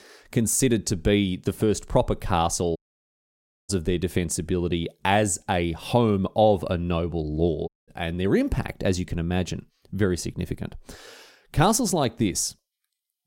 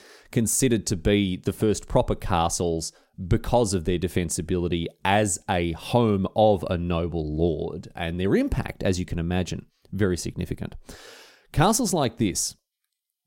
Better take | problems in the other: second | audio cutting out; at 3 s for 1 s and at 7.5 s

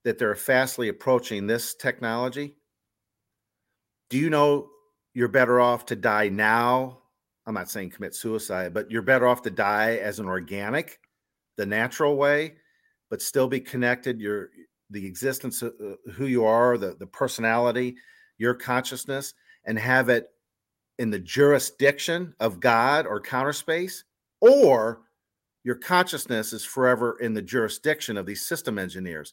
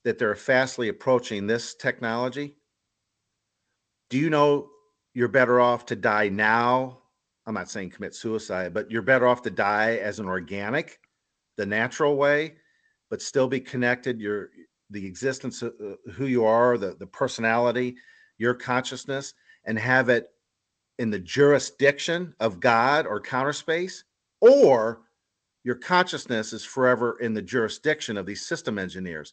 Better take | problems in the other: first | garbled, watery; slightly; nothing above 7.5 kHz

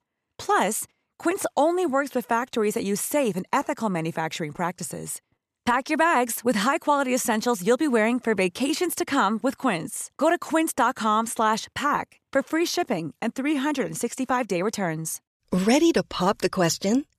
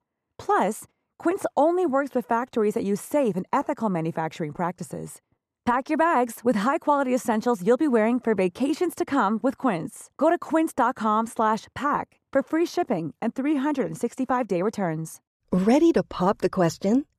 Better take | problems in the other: first | muffled; slightly; fading above 1.5 kHz

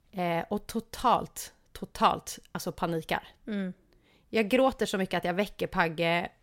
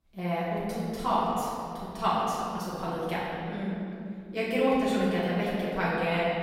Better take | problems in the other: first | room echo; strong; dies away in 2.4 s // off-mic speech; far

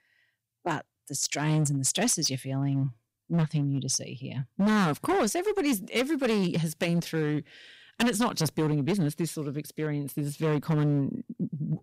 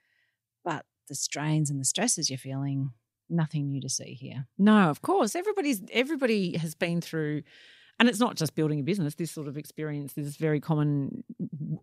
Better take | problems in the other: second | distortion; heavy; 10% of the sound clipped

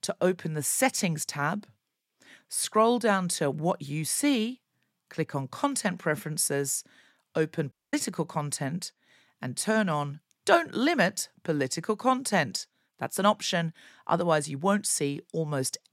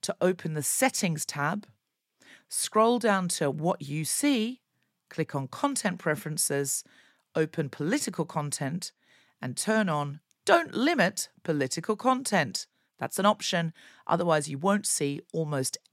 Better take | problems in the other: second | audio cutting out; at 7.5 s

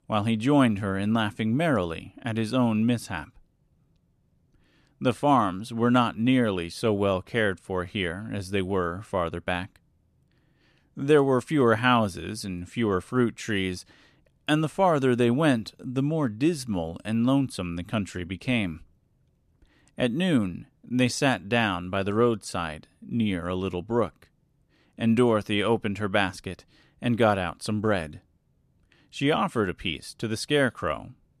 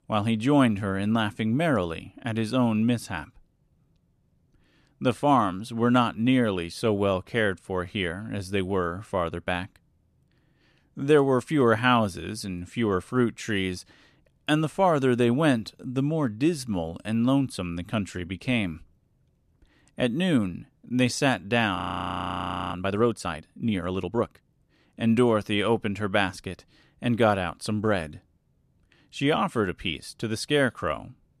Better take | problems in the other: first | audio freezing; at 22 s for 1 s

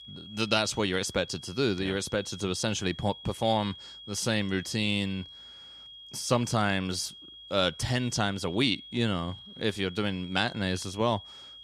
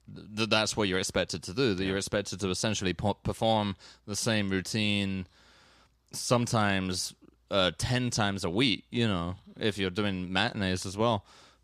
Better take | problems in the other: second | high-pitched whine; noticeable; throughout; 3.5 kHz, 15 dB below the speech

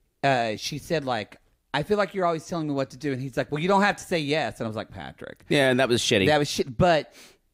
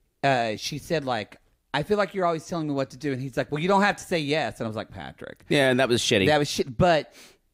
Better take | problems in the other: neither | none

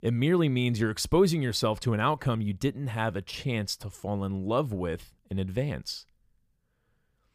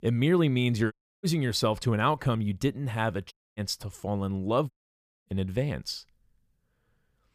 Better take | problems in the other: first | audio cutting out; at 1 s, at 3.5 s and at 4.5 s for 0.5 s

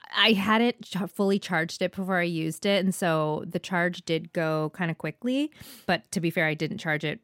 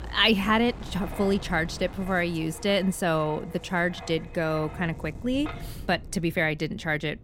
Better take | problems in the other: first | wind noise on the microphone; occasional gusts; 15 dB below the speech

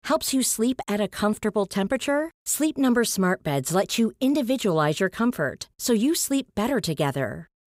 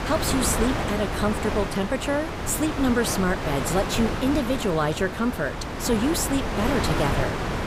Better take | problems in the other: first | wind noise on the microphone; heavy; 2 dB below the speech

